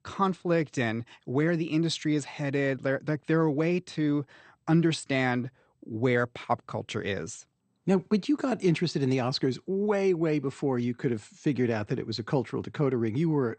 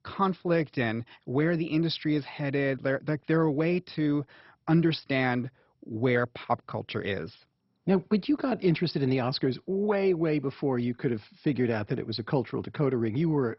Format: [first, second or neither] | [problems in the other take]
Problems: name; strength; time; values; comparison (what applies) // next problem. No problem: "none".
first | garbled, watery; badly; nothing above 5.5 kHz; slightly in the first